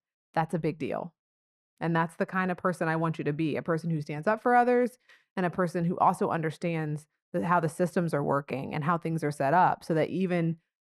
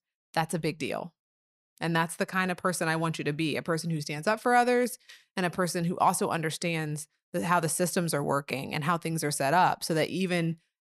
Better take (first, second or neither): second